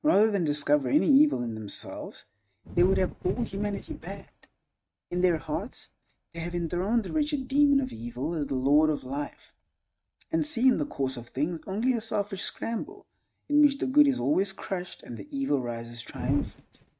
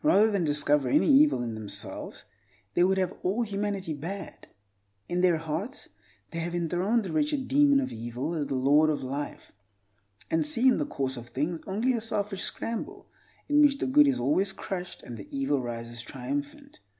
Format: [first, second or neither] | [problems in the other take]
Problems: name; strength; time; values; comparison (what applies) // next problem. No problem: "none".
second | noise reduction (neural mask model RNNoise)